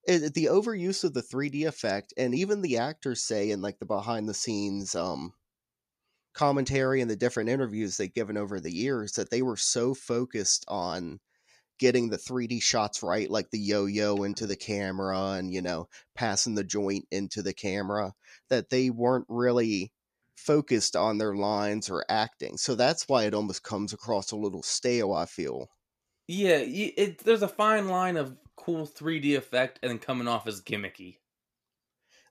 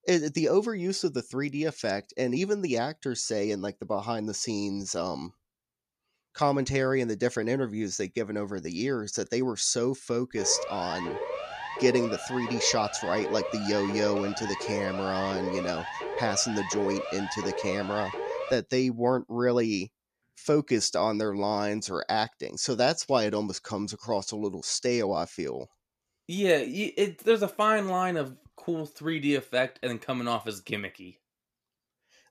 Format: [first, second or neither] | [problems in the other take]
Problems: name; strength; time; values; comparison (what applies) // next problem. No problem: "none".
first | siren; noticeable; from 10 to 19 s; peak 5 dB below the speech